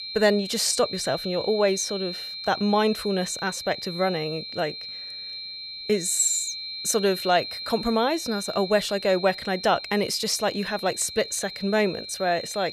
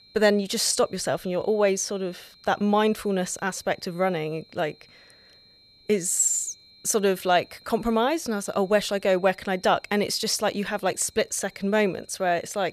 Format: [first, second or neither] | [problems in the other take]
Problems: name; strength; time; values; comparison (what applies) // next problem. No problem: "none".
second | high-pitched whine; loud; throughout; 4 kHz, 8 dB below the speech; faint in the second